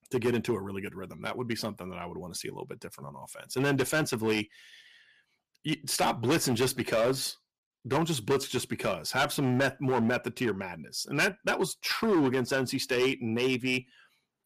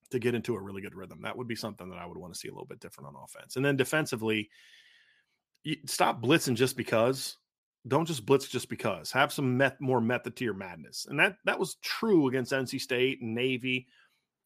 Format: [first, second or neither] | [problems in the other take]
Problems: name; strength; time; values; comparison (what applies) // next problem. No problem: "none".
second | distortion; heavy; 7% of the sound clipped